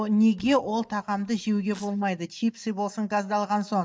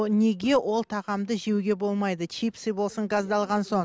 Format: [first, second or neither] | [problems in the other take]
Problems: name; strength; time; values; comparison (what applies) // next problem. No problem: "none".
second | noise reduction (neural mask model DeepFilterNet 3)